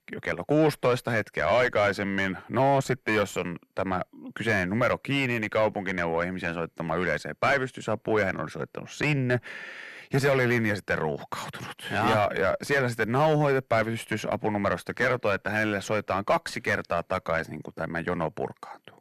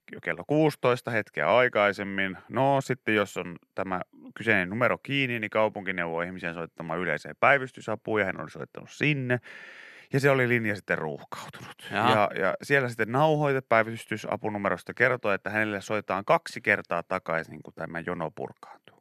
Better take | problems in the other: second | distortion; heavy; 7 dB below the speech

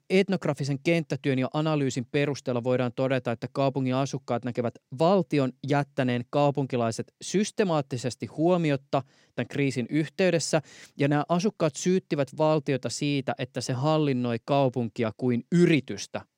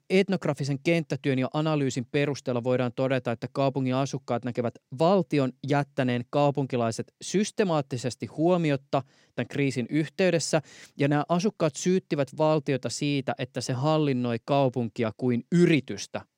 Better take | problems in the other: neither | none

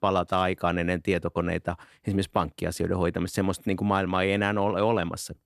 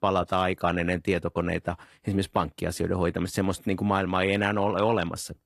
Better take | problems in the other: first | garbled, watery; slightly; nothing above 13.5 kHz

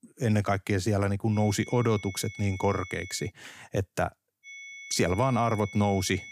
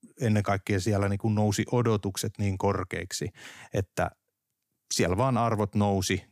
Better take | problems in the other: second | high-pitched whine; noticeable; from 1.5 to 3.5 s and from 4.5 s on; 2 kHz, 15 dB below the speech

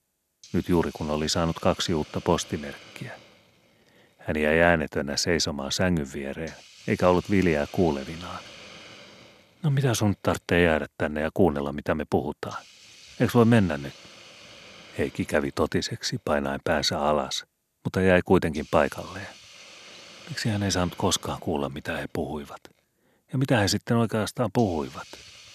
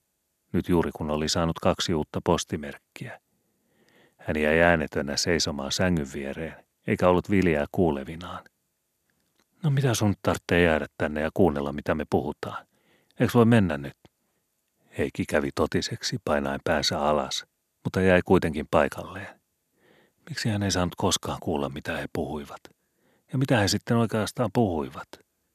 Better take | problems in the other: second | hiss; faint; throughout; 20 dB below the speech

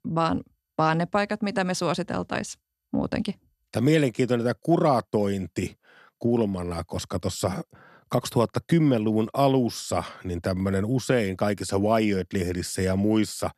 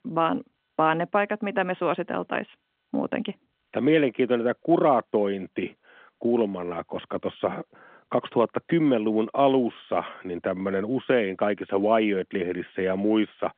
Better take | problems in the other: first | phone-call audio

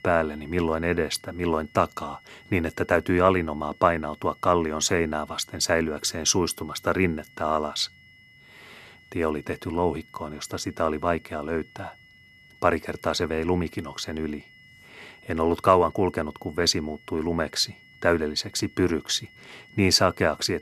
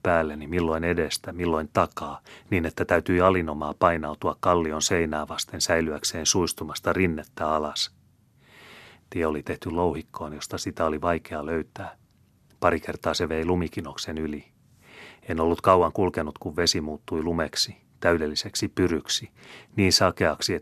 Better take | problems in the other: second | high-pitched whine; faint; throughout; 2 kHz, 25 dB below the speech

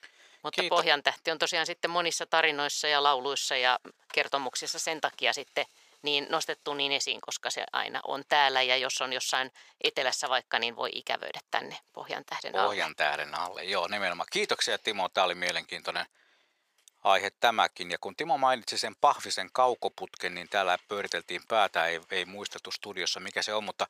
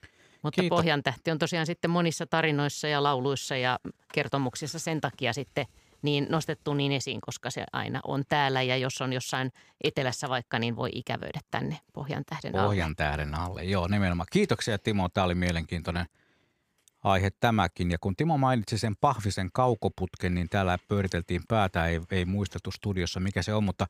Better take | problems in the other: second | thin; very; fading below 650 Hz

